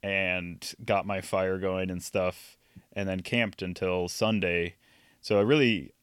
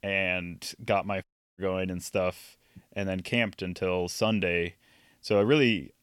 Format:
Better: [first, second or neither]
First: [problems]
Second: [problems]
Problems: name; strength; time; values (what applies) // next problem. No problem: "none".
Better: first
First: none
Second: audio cutting out; at 1 s